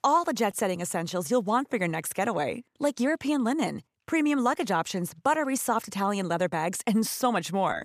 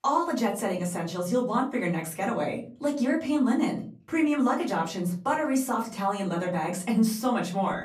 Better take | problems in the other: first | off-mic speech; far // room echo; very slight; dies away in 0.4 s

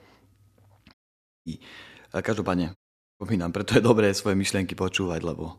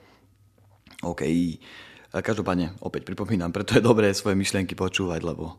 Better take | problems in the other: second | audio cutting out; at 1 s for 0.5 s and at 3 s

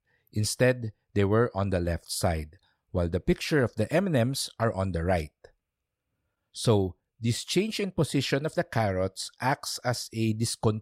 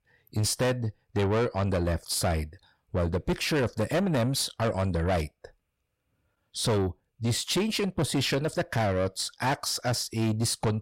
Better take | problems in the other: first | distortion; heavy; 8 dB below the speech

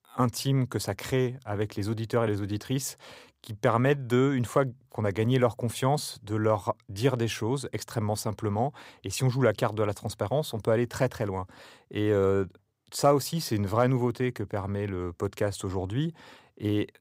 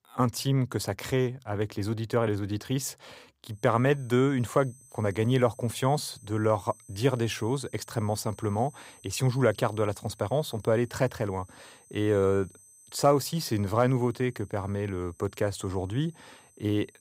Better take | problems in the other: first | high-pitched whine; faint; from 3.5 s on; 8 kHz, 25 dB below the speech

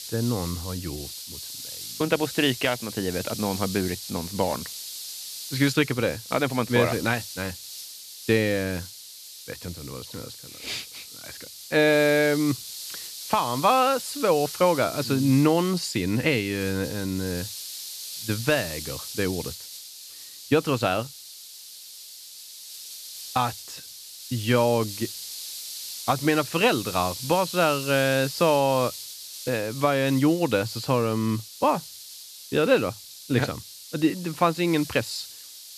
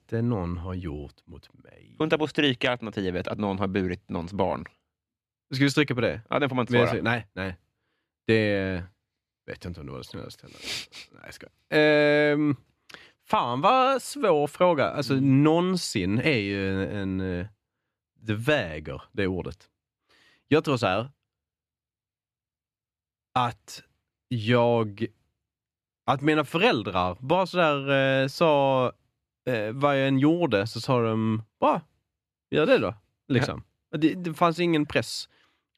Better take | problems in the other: second | hiss; noticeable; throughout; 10 dB below the speech

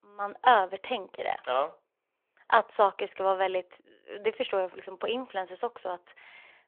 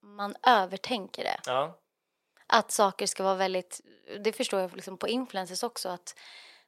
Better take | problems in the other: second | phone-call audio

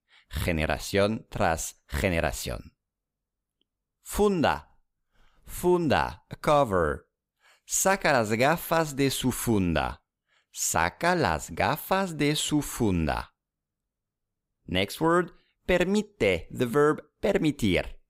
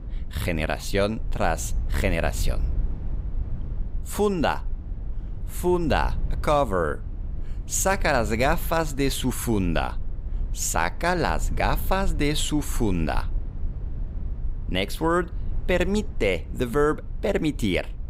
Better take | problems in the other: first | low rumble; faint; throughout; 25 dB below the speech

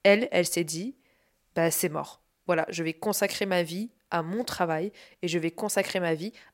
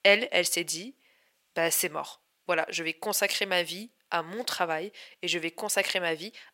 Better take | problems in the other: first | thin; somewhat; fading below 750 Hz

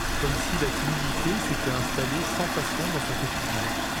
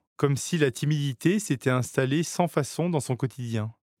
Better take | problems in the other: second | rain or running water; very loud; throughout; 4 dB above the speech

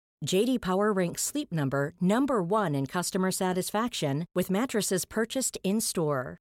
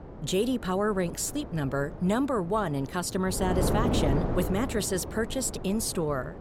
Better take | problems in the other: first | wind noise on the microphone; heavy; 7 dB below the speech

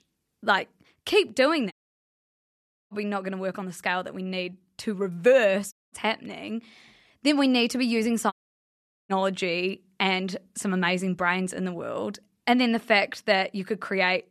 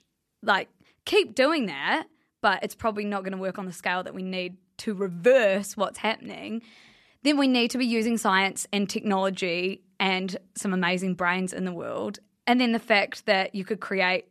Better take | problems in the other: second | audio cutting out; at 1.5 s for 1 s, at 5.5 s and at 8.5 s for 1 s

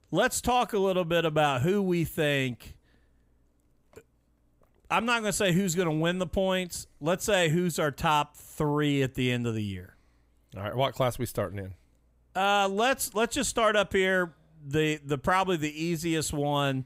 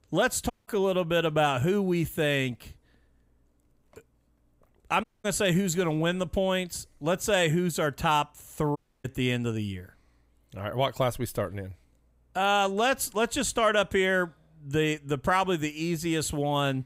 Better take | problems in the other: first | audio cutting out; at 0.5 s, at 5 s and at 9 s

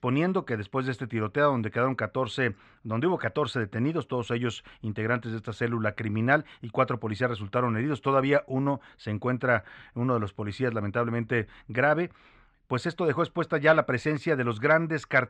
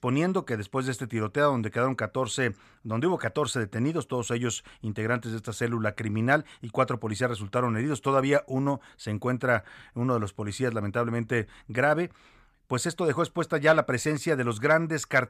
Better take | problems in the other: second | muffled; slightly; fading above 3 kHz

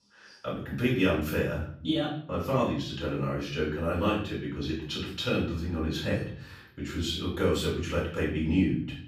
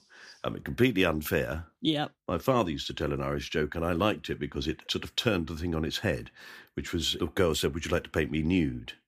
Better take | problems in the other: second | off-mic speech; far // room echo; noticeable; dies away in 0.6 s

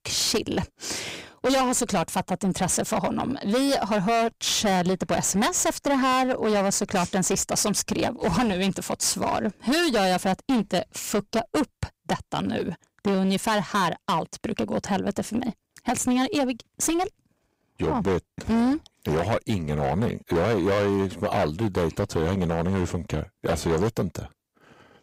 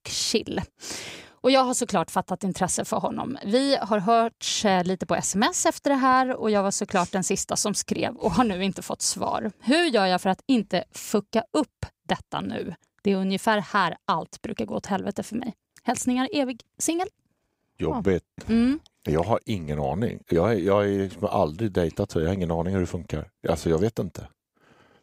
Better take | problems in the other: second | distortion; heavy; 17% of the sound clipped

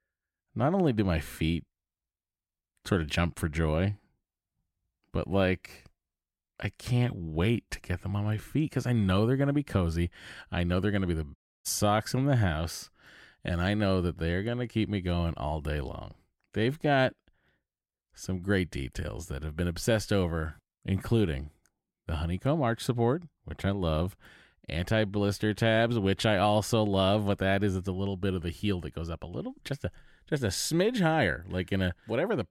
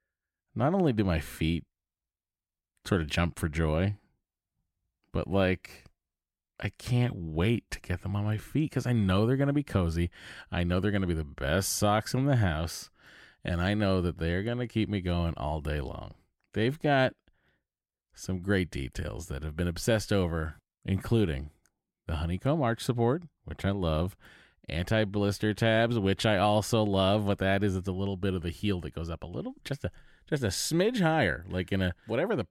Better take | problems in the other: second | audio cutting out; at 11 s

